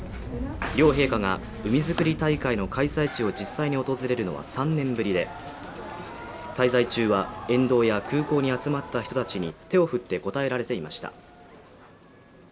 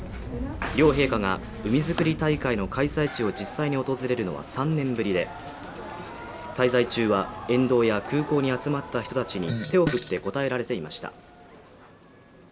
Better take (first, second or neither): first